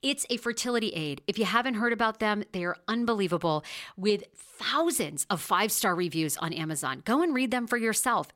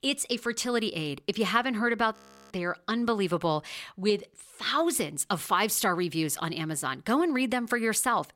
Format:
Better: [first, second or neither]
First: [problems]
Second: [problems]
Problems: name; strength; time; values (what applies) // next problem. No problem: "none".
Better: first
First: none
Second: audio freezing; at 2 s